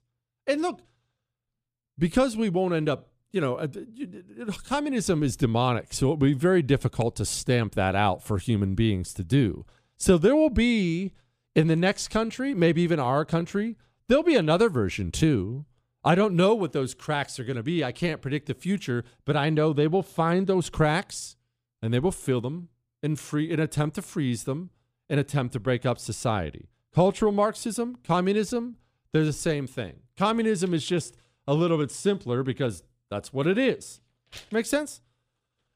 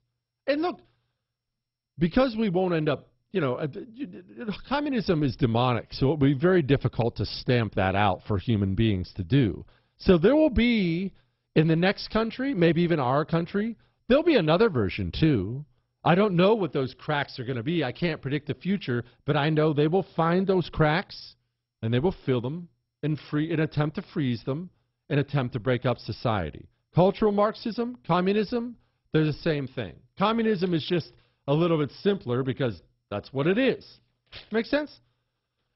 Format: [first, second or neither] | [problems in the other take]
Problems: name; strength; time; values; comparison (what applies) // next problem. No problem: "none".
first | garbled, watery; badly; nothing above 5.5 kHz